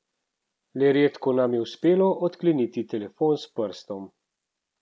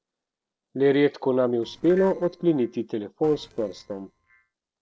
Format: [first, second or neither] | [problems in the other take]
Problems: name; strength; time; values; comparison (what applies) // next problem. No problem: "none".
first | noise reduction (neural separator model SepFormer DNS4)